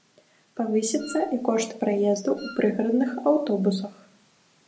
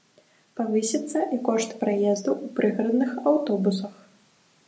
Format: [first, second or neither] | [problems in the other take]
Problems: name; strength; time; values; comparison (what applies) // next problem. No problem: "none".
second | background sound (Wind instrument, woodwind instrument); 20 dB below the speech